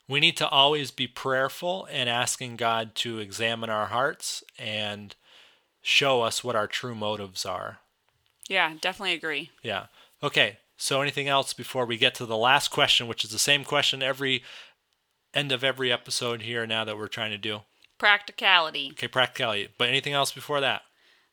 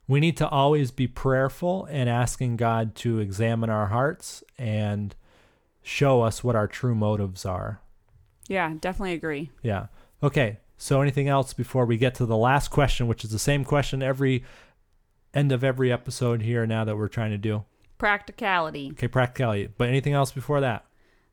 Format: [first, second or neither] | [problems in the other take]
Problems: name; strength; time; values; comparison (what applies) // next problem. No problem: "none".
second | thin; somewhat; fading below 1 kHz